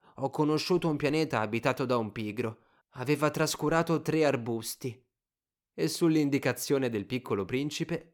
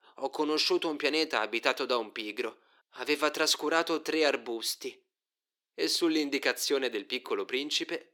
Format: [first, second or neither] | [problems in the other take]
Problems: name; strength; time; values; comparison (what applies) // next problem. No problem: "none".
first | thin; somewhat; fading below 350 Hz